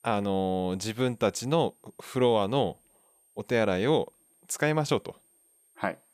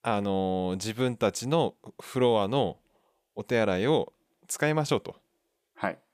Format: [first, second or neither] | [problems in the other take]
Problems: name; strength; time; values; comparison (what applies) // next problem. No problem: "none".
second | high-pitched whine; faint; throughout; 8.5 kHz, 35 dB below the speech